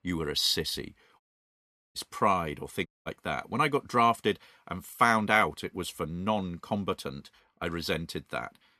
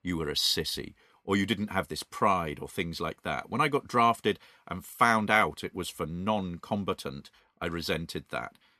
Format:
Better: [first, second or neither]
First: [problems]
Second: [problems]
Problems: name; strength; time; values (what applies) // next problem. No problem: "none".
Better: second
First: audio cutting out; at 1 s for 1 s and at 3 s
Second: none